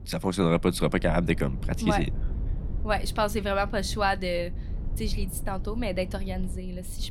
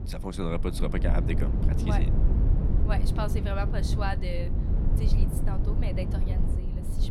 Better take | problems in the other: first | low rumble; loud; throughout; 5 dB below the speech; faint in the first

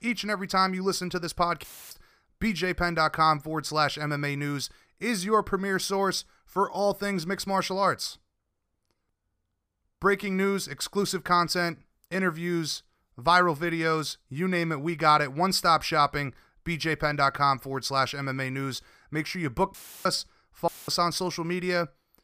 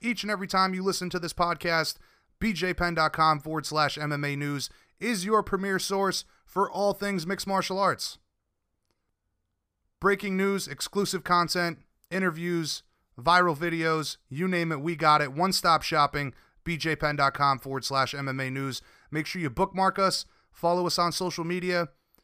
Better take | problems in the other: second | audio cutting out; filled with static; at 1.5 s, at 20 s and at 21 s

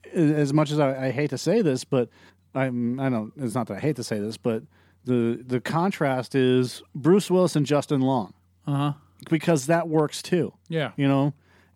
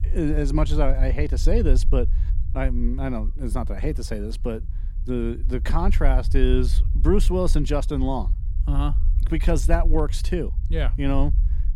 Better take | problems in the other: first | low rumble; noticeable; throughout; 15 dB below the speech

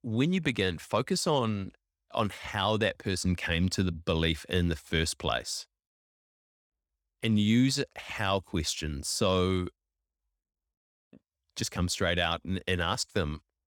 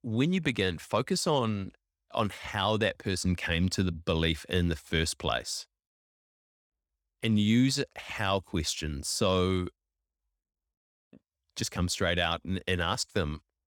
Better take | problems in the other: neither | none

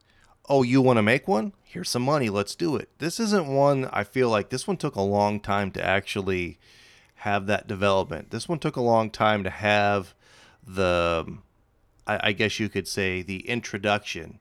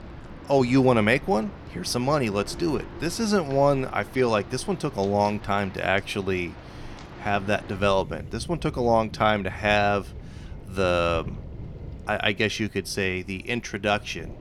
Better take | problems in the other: first | rain or running water; noticeable; throughout; 15 dB below the speech

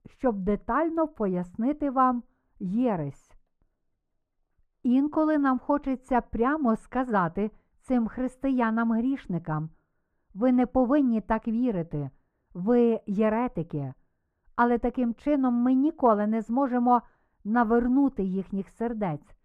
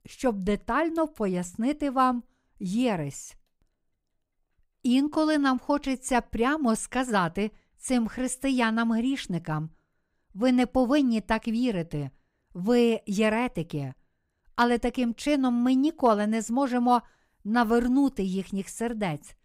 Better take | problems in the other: second | muffled; very; fading above 2.5 kHz

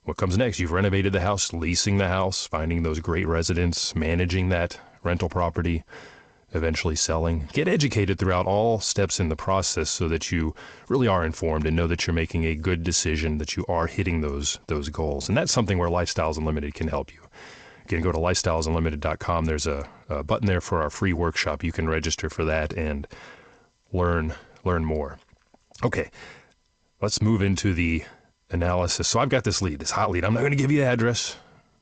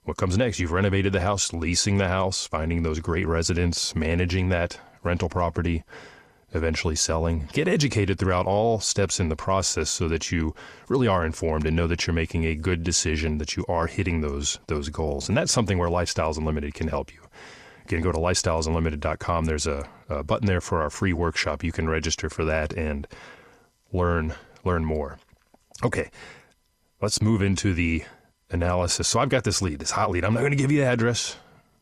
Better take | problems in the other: second | garbled, watery; slightly; nothing above 7.5 kHz

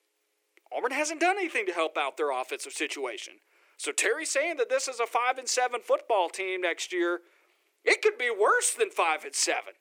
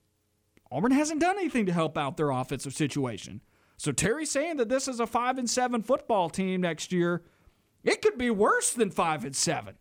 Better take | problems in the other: second | thin; very; fading below 350 Hz

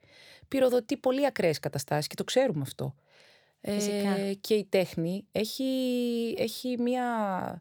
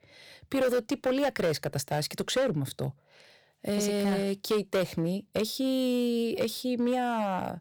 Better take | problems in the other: first | distortion; slight; 8% of the sound clipped

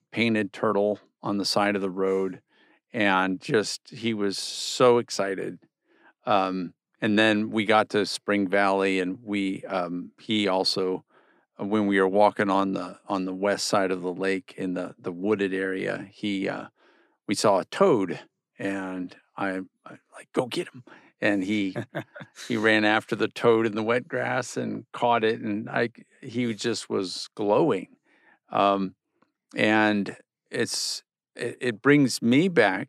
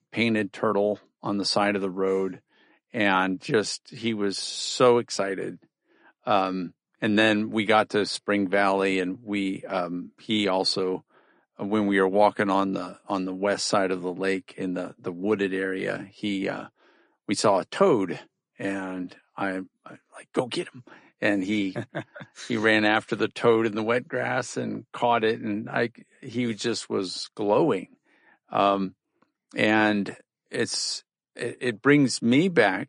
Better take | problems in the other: first | garbled, watery; slightly; nothing above 10 kHz

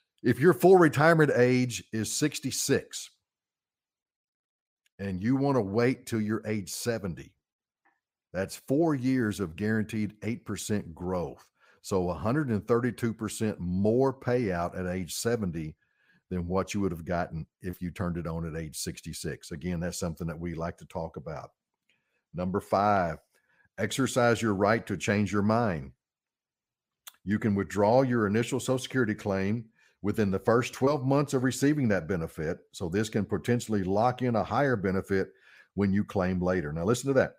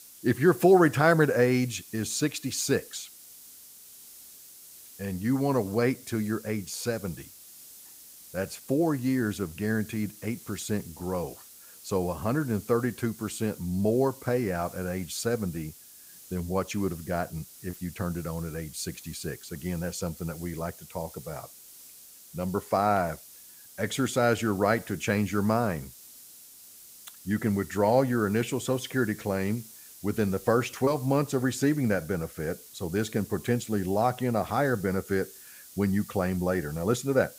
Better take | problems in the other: first | hiss; noticeable; throughout; 20 dB below the speech

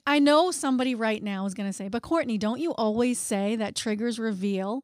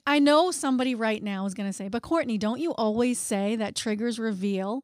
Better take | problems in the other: neither | none

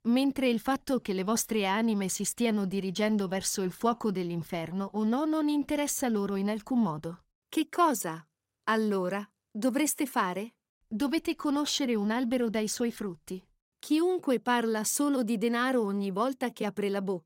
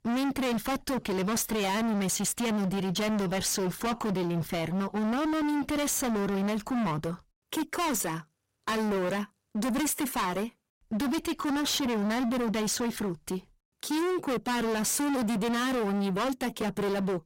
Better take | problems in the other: first | distortion; heavy; 40% of the sound clipped

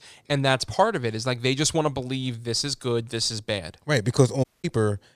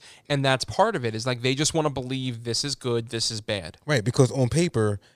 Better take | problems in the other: second | audio cutting out; at 4.5 s

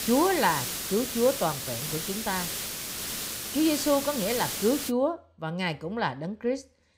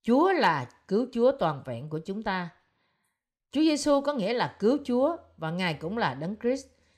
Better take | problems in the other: second | hiss; loud; until 5 s; 3 dB below the speech

